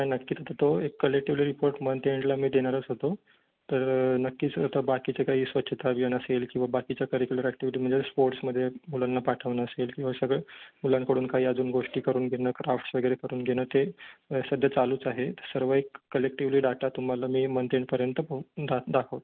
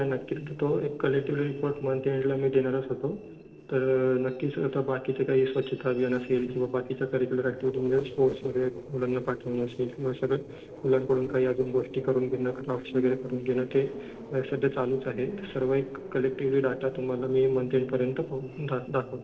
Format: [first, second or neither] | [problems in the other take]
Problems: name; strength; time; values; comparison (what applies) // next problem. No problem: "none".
first | noise reduction (neural separator model SepFormer DNS4)